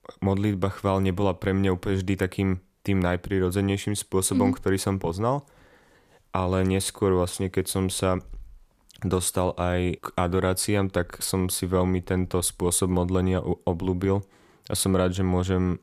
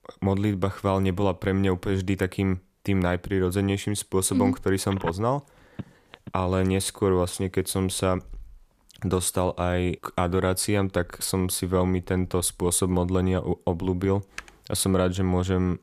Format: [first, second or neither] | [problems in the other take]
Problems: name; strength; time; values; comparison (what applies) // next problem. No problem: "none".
first | phone ringing; faint; from 5 to 6.5 s; peak 10 dB below the speech // keyboard typing; faint; at 14 s; peak 15 dB below the speech